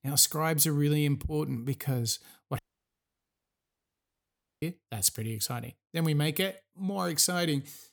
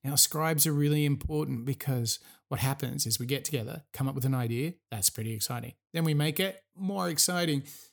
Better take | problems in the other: second | audio cutting out; at 2.5 s for 2 s

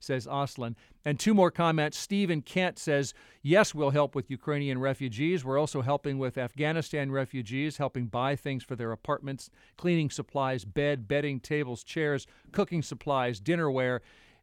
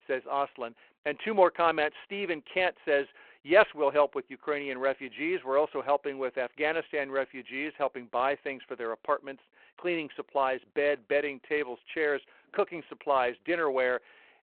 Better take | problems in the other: first | phone-call audio

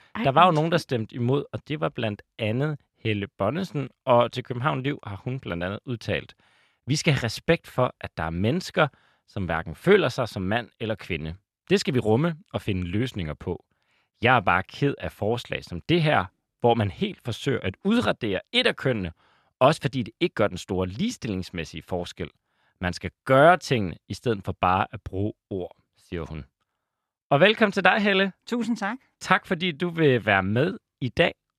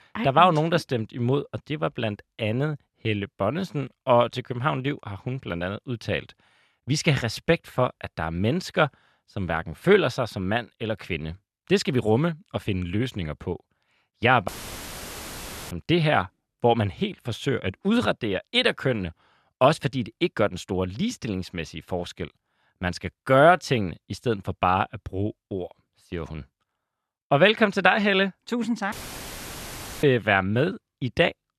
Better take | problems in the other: first | audio cutting out; filled with static; at 14 s for 1 s and at 29 s for 1 s

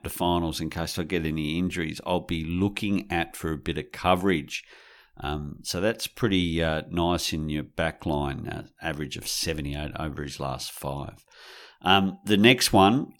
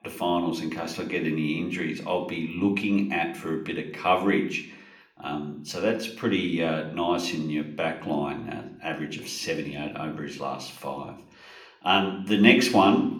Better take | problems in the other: first | room echo; slight; dies away in 0.6 s // off-mic speech; somewhat distant

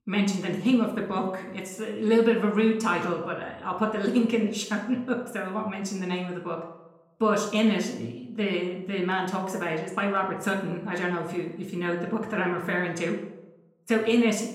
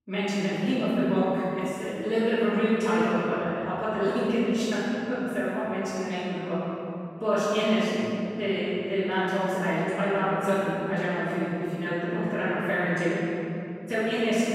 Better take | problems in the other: first | room echo; strong; dies away in 2.9 s; slight in the first // off-mic speech; far; somewhat distant in the first

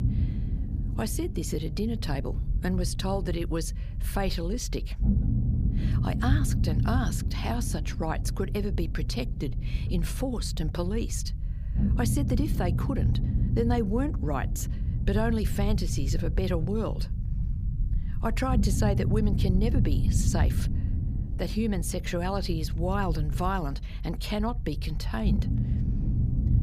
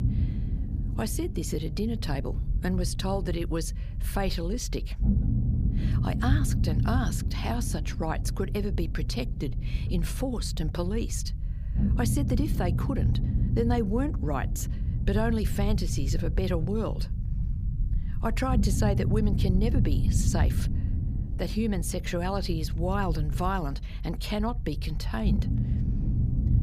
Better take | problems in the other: neither | low rumble; loud; throughout; 9 dB below the speech; the same in both

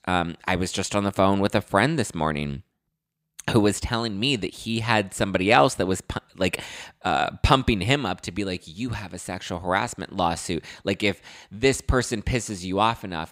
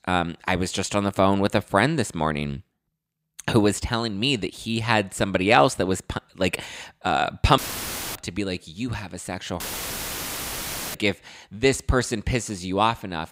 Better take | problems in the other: first | audio cutting out; filled with static; at 7.5 s for 0.5 s and at 9.5 s for 1.5 s

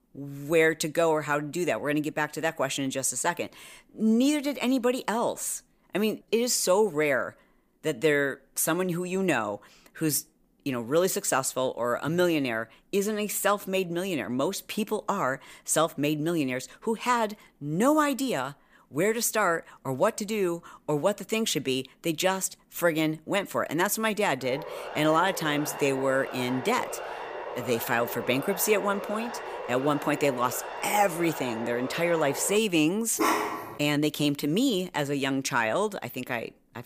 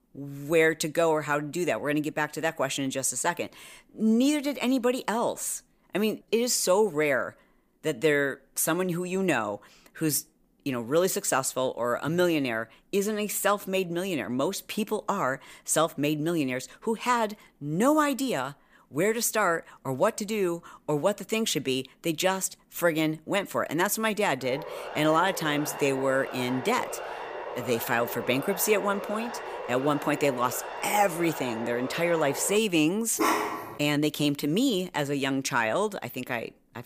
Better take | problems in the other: neither | siren; noticeable; from 24 to 33 s; peak 9 dB below the speech; the same in both // dog barking; loud; at 33 s; peak 2 dB above the speech; the same in both

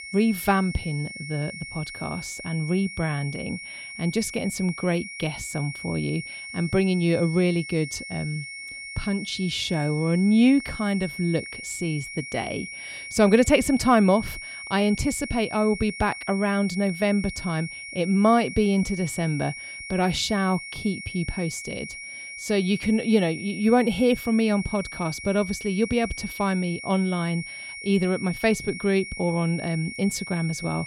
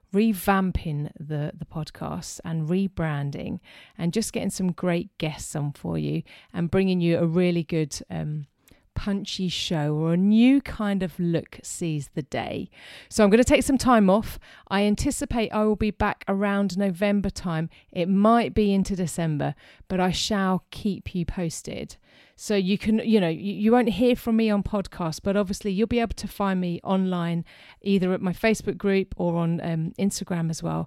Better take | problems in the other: second | high-pitched whine; noticeable; throughout; 2 kHz, 10 dB below the speech

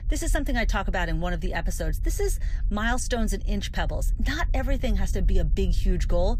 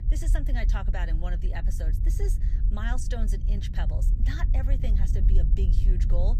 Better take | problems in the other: first | low rumble; loud; throughout; 6 dB below the speech; faint in the first

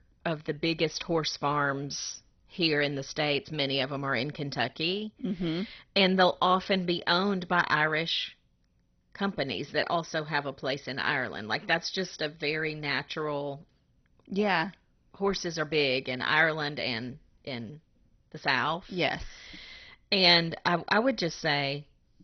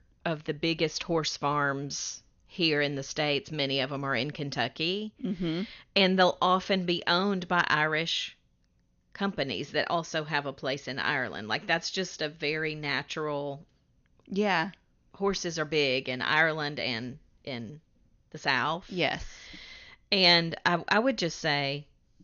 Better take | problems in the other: second | garbled, watery; badly; nothing above 6 kHz; slightly in the second

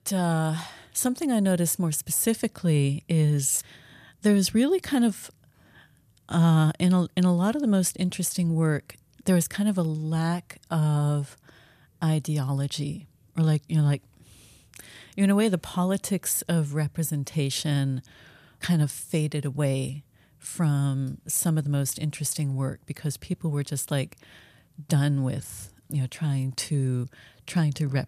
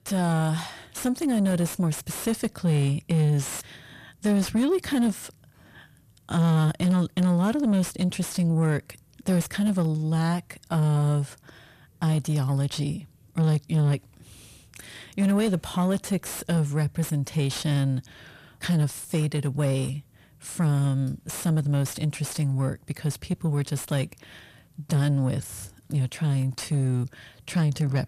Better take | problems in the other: first | distortion; slight; 10 dB below the speech

